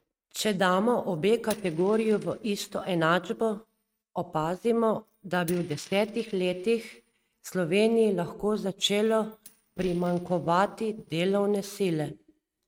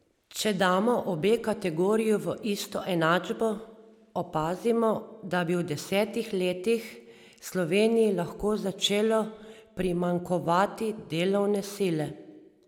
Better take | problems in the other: second | noise reduction (neural mask model RNNoise)

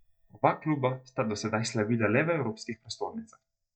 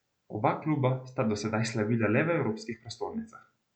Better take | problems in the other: second | noise reduction (neural mask model DeepFilterNet 3)

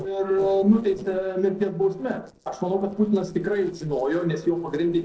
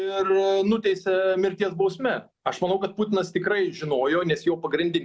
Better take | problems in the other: second | noise reduction (neural separator model SepFormer DNS4)

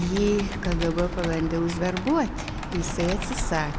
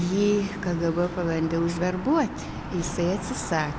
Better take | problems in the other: second | background sound (Computer keyboard); 6 dB below the speech

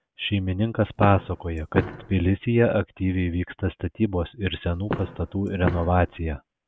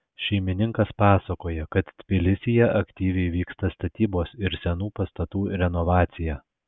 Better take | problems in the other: second | background sound (Walk, footsteps); 8 dB below the speech

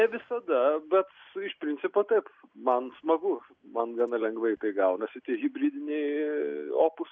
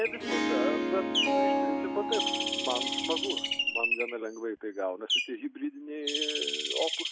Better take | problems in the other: first | background sound (Harp + Bird); 4 dB above the speech

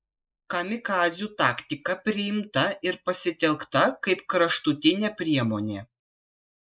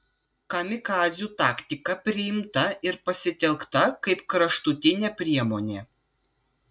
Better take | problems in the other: second | noise reduction (neural mask model Resemble Enhance denoiser)

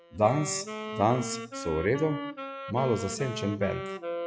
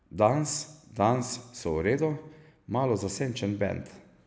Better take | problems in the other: second | noise reduction (classical method log-MMSE)

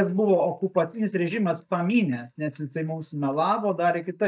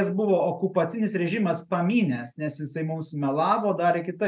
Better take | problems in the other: second | noise reduction (neural mask model DeepFilterNet 3)

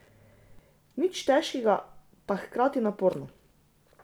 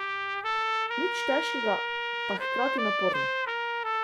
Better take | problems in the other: first | background sound (Trumpet); 5 dB above the speech

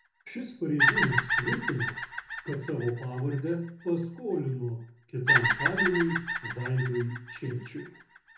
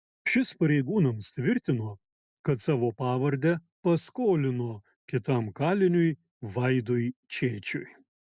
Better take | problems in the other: second | background sound (Bird vocalization, bird call, bird song); as loud as the speech // room echo; dies away in 0.6 s

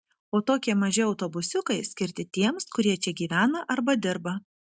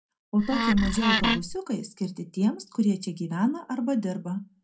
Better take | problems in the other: first | background sound (Wood); 1 dB above the speech // room echo; dies away in 0.2 s

